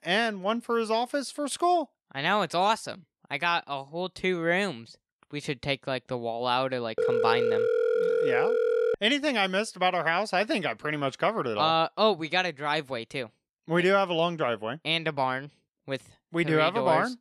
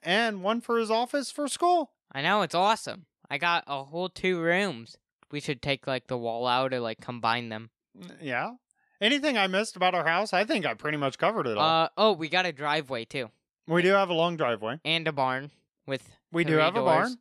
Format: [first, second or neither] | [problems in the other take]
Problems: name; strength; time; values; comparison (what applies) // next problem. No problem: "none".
second | phone ringing; loud; from 7 to 9 s; peak 2 dB above the speech